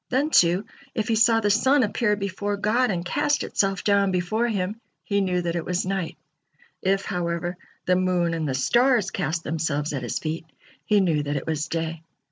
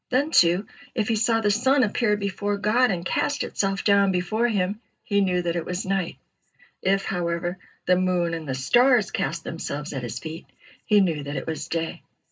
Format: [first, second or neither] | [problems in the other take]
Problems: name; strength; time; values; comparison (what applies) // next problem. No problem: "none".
first | room echo; dies away in 0.2 s